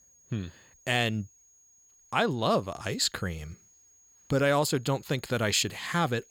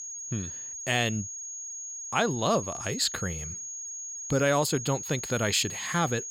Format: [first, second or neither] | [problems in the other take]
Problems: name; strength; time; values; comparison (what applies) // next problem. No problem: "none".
first | high-pitched whine; loud; throughout; 6.5 kHz, 7 dB below the speech; faint in the first